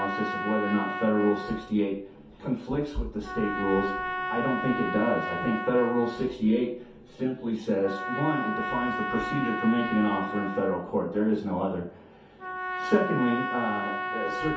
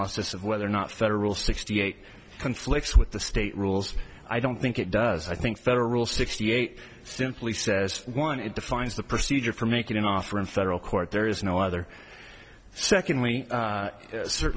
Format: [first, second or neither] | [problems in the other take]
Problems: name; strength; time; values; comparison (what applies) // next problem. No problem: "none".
second | background sound (Trumpet); 6 dB below the speech // room echo; dies away in 0.5 s